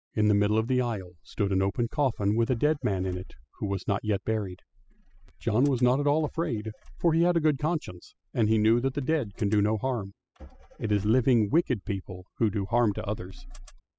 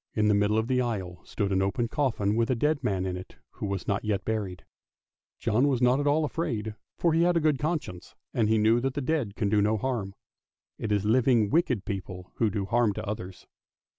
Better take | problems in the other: second | noise reduction (classical method spectral subtraction)

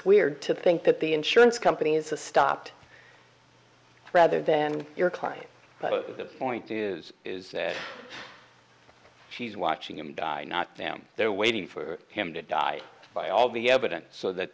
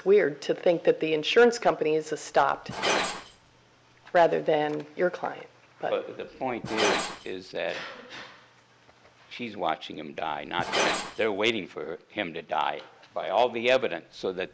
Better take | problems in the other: first | background sound (Glass); 9 dB below the speech

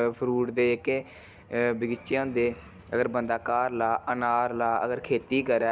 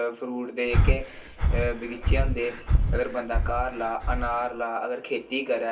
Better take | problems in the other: first | background sound (Breathing); 5 dB above the speech // room echo; dies away in 0.2 s

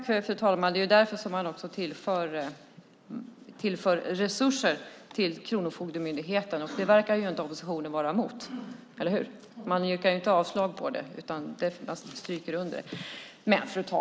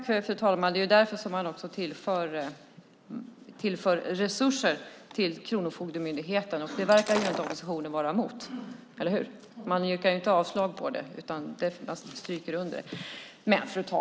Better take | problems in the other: first | background sound (Shatter); 7 dB below the speech

